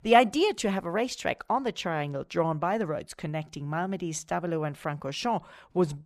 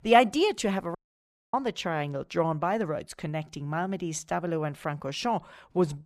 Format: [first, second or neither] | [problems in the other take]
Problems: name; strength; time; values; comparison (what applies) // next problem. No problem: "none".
first | audio cutting out; at 1 s for 0.5 s